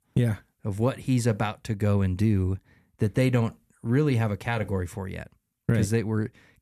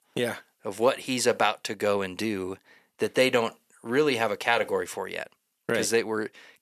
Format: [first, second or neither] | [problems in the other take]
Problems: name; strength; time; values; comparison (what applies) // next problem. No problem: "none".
first | thin; very; fading below 500 Hz